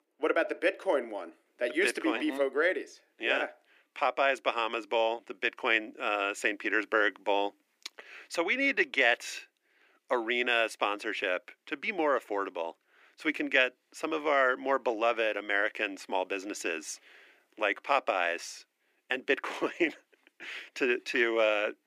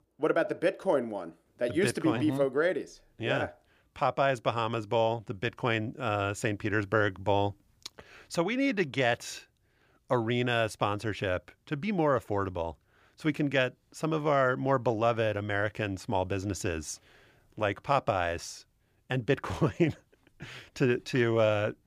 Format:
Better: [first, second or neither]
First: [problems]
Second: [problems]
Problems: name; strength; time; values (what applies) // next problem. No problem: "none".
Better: second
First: thin; somewhat; fading below 300 Hz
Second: none